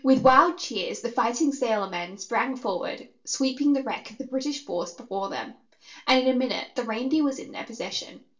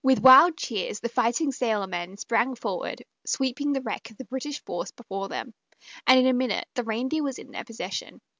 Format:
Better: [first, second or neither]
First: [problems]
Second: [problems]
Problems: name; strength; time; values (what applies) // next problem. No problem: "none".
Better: second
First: room echo; dies away in 0.3 s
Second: none